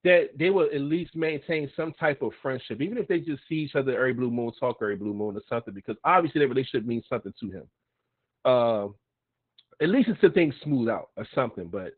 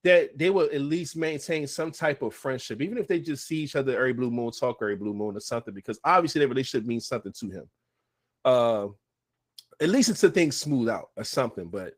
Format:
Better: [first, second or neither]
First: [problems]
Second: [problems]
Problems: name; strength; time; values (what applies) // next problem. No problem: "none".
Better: second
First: garbled, watery; badly; nothing above 4 kHz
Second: garbled, watery; slightly; nothing above 15.5 kHz